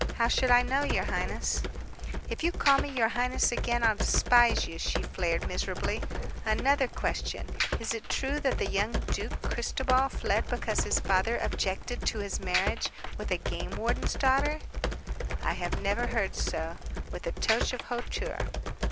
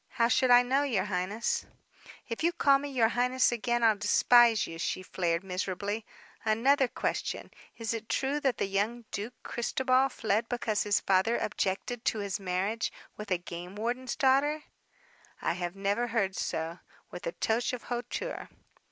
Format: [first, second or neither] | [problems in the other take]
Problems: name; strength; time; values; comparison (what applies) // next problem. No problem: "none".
second | background sound (Computer keyboard); 1 dB below the speech